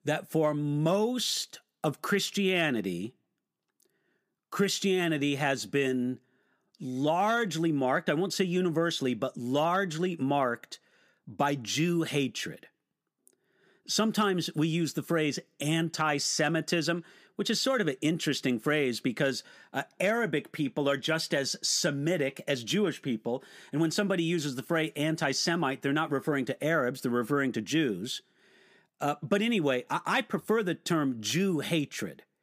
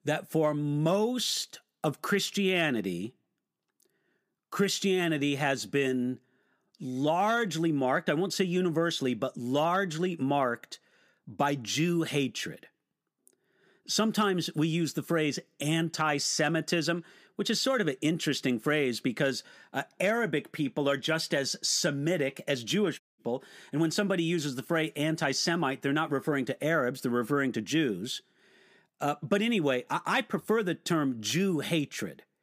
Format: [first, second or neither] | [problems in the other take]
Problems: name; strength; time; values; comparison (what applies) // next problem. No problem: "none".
first | audio cutting out; at 23 s